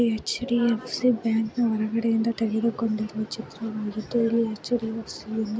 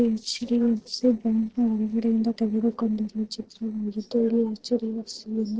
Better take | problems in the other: first | noise reduction (neural separator model SepFormer DNS4)

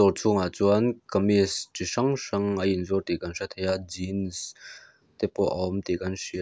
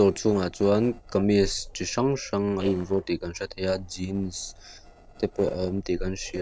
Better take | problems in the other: first | noise reduction (neural separator model SepFormer DNS4)

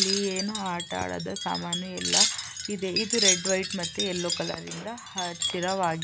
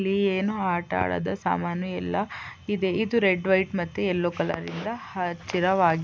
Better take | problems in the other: second | background sound (Wind chime); 1 dB above the speech

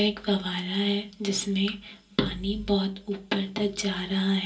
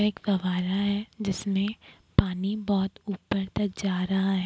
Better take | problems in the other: second | room echo; dies away in 0.3 s

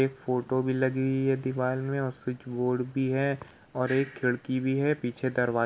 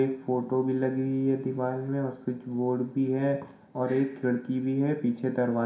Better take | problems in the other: first | room echo; dies away in 0.5 s

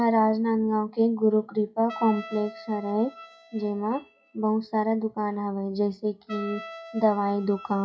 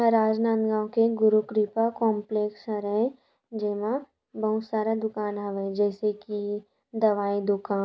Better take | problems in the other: second | noise reduction (classical method WPE with log-MMSE)

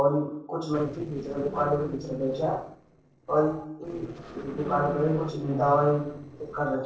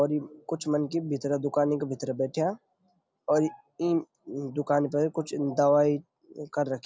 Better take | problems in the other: second | noise reduction (neural separator model SepFormer DNS4)

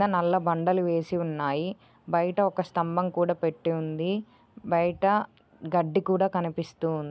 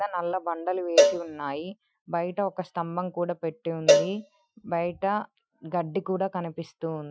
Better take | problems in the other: first | noise reduction (classical method Wiener filter)

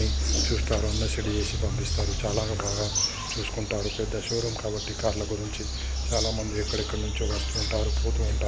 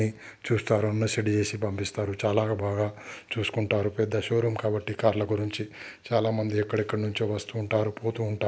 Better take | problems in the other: second | background sound (Bird vocalization, bird call, bird song); 3 dB above the speech

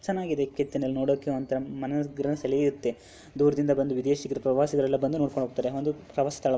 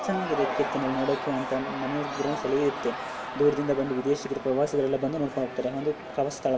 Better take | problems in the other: first | background sound (Crowd / Cheering); 7 dB below the speech // room echo; dies away in 1.2 s

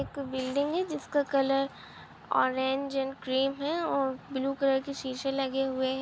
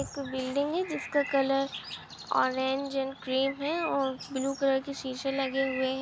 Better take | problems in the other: first | background sound (Bird); 13 dB below the speech

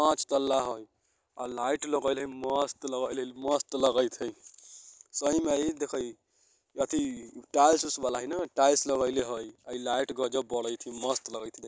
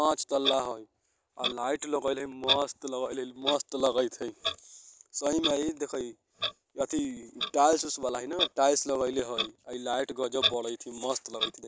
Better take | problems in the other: first | background sound (Clock); 7 dB below the speech

